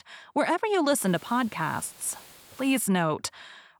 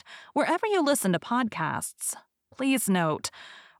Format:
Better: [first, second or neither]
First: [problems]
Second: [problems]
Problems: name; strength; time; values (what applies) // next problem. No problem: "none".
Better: second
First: hiss; faint; from 1 to 3 s; 20 dB below the speech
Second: none